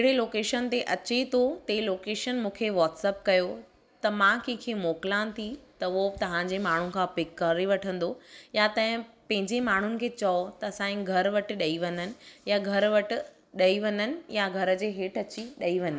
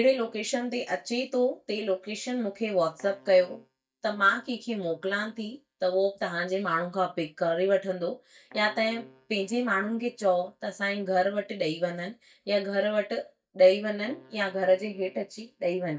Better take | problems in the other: first | noise reduction (neural mask model DeepFilterNet 3)

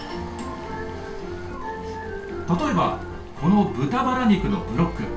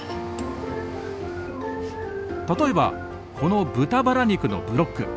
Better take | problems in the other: second | background sound (Boiling); 16 dB below the speech // room echo; dies away in 0.3 s

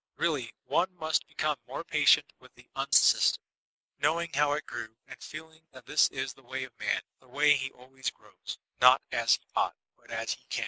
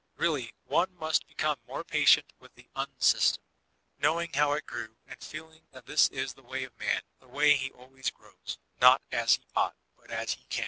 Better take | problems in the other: second | noise reduction (neural mask model Resemble Enhance denoiser)

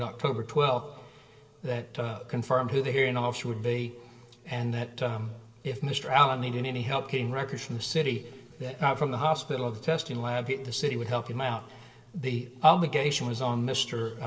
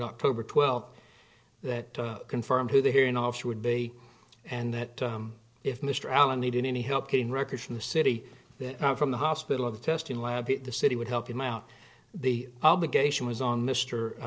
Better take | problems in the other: second | room echo; dies away in 1.8 s

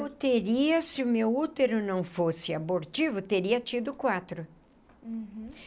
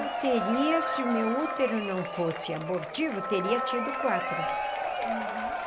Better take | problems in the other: first | background sound (Applause / Crowd / Cheering + Wind instrument, woodwind instrument); 1 dB below the speech

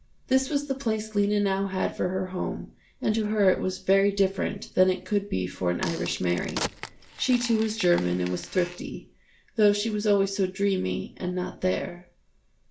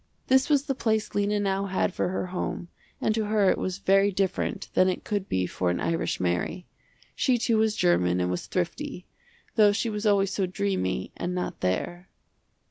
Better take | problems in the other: second | background sound (Crack); 12 dB below the speech // room echo; dies away in 0.3 s

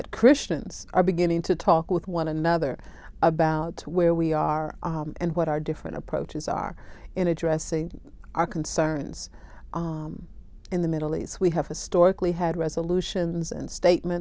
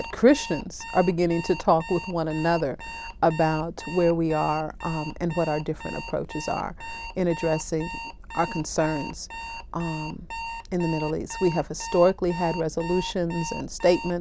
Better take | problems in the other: first | background sound (Alarm); 13 dB below the speech

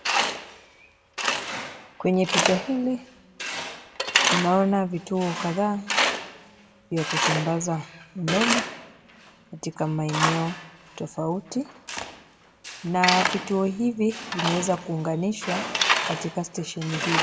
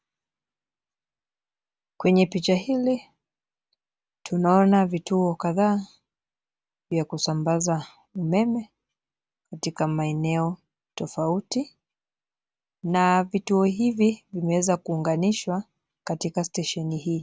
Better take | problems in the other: second | background sound (Tools); 1 dB below the speech // room echo; dies away in 1 s

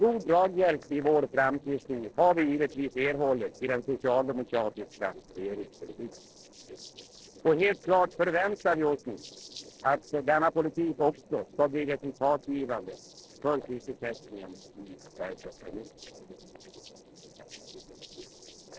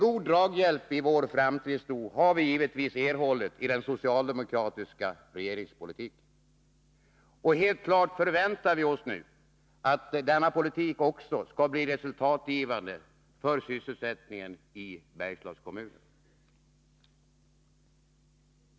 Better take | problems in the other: second | noise reduction (neural separator model SepFormer DNS4)

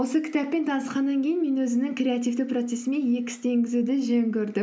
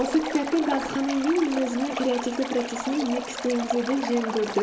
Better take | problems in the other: first | background sound (Stream); 7 dB below the speech // room echo; dies away in 2.4 s

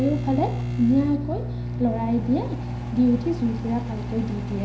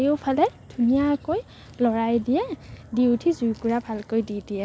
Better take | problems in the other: second | background sound (Microwave oven); 4 dB below the speech // room echo; dies away in 0.5 s

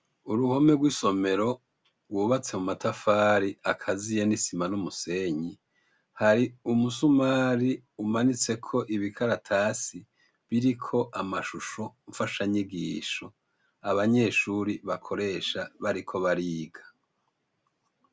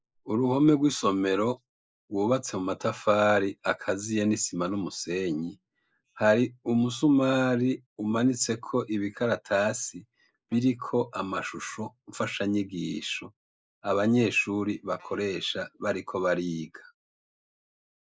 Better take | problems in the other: first | noise reduction (neural mask model Resemble Enhance denoiser)

